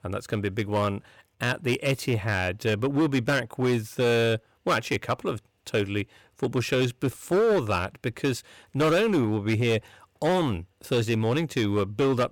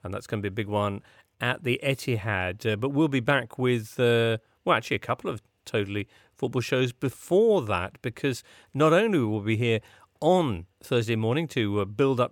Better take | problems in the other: second | distortion; slight; 9% of the sound clipped

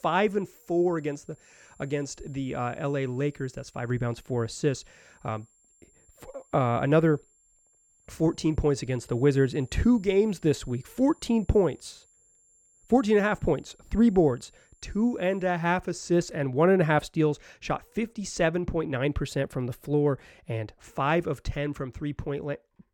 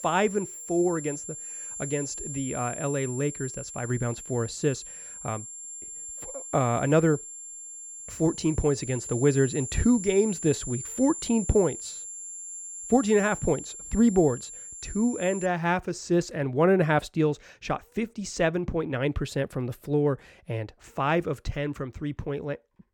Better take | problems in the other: first | high-pitched whine; loud; until 15 s; 7.5 kHz, 9 dB below the speech; faint in the first

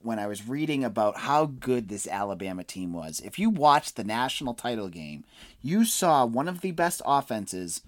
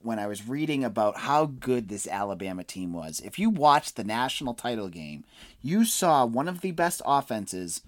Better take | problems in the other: neither | none

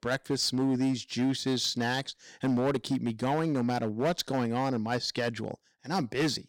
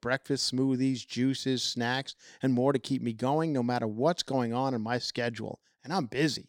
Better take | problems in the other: second | distortion; slight; 9% of the sound clipped

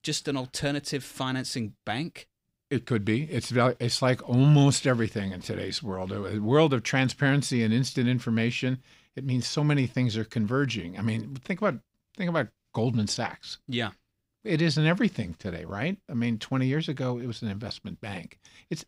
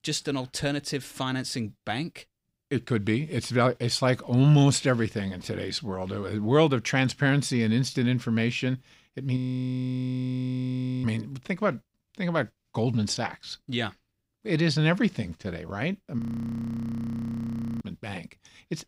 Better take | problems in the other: first | audio freezing; at 9.5 s for 1.5 s and at 16 s for 1.5 s

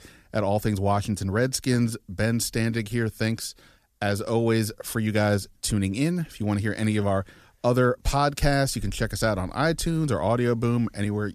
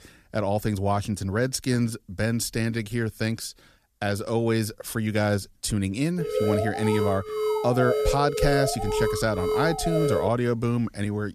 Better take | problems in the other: first | alarm; loud; from 6 to 10 s; peak 1 dB above the speech

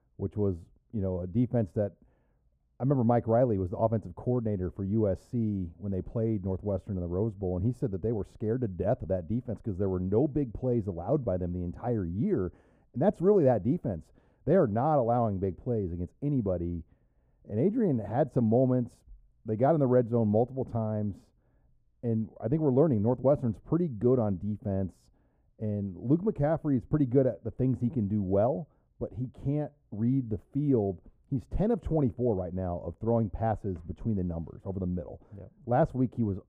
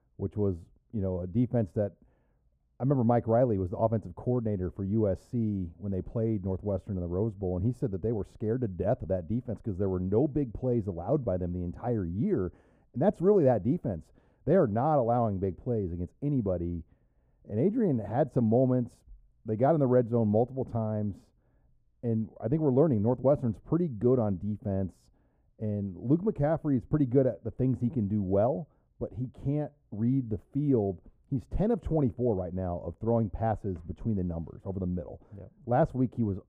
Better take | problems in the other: neither | muffled; very; fading above 1.5 kHz; the same in both

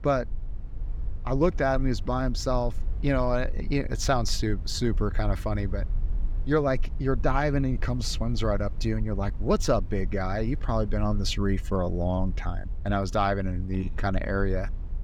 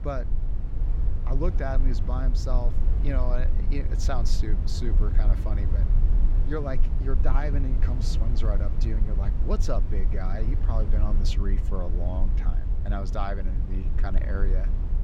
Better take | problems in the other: first | low rumble; loud; throughout; 8 dB below the speech; faint in the first

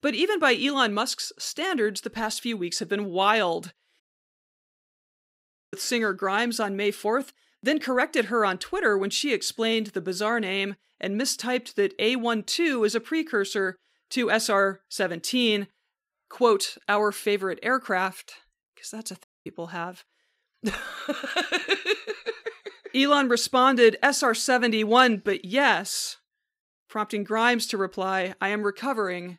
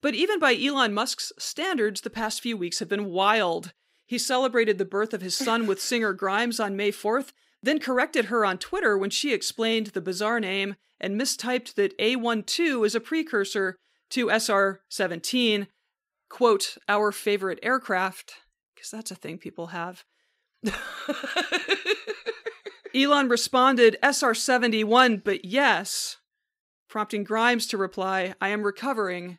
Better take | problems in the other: second | audio cutting out; at 4 s for 1.5 s and at 19 s

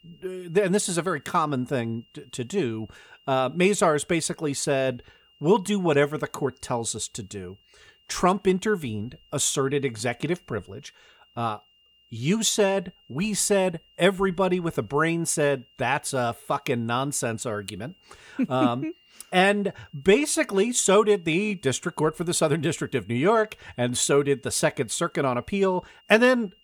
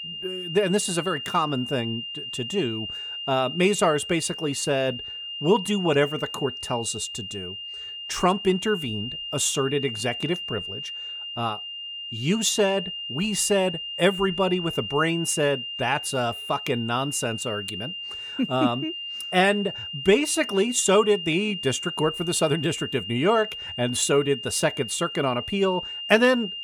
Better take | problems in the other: first | high-pitched whine; loud; throughout; 3 kHz, 7 dB below the speech; faint in the first

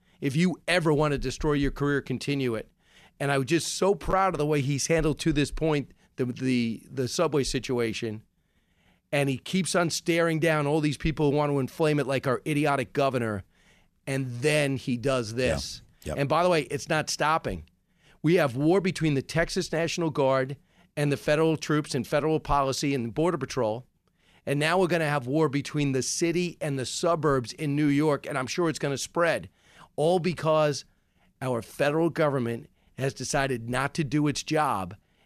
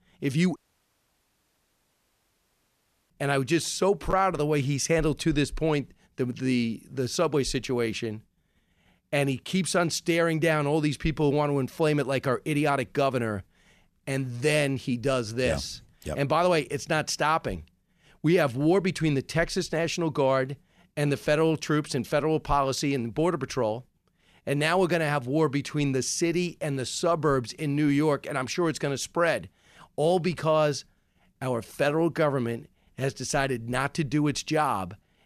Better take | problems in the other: first | audio cutting out; at 0.5 s for 2.5 s

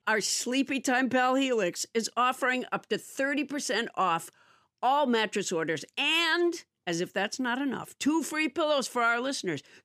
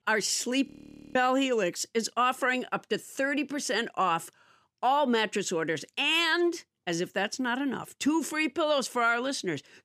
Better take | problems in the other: first | audio freezing; at 0.5 s

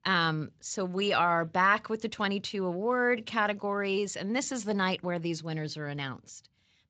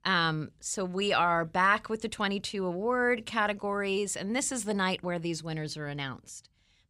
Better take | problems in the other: second | garbled, watery; slightly; nothing above 7.5 kHz

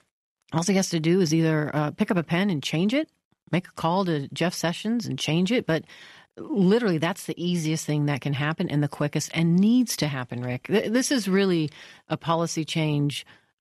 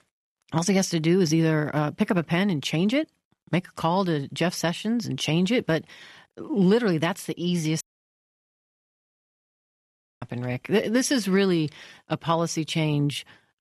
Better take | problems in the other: first | audio cutting out; at 8 s for 2.5 s

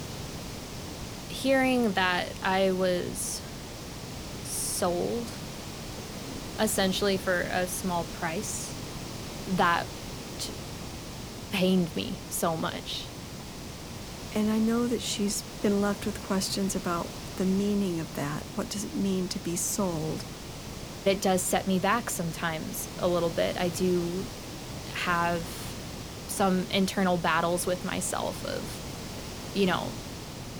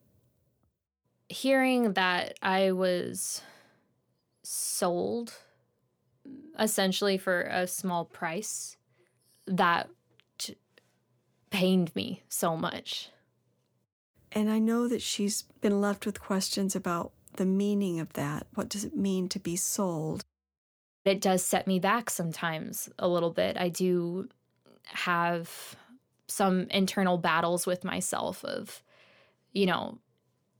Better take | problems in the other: second | hiss; noticeable; throughout; 10 dB below the speech

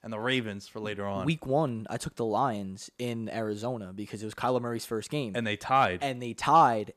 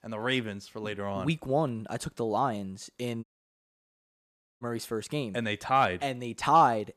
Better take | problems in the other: first | audio cutting out; at 3 s for 1.5 s

